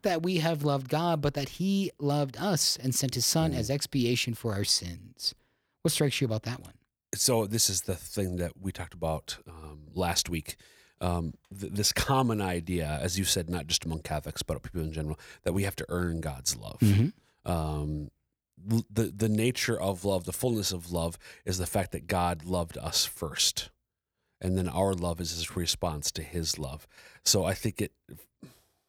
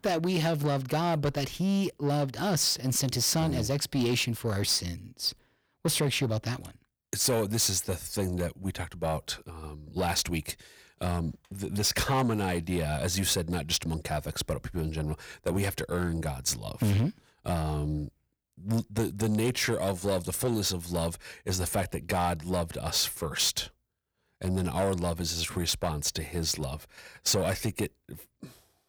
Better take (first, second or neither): first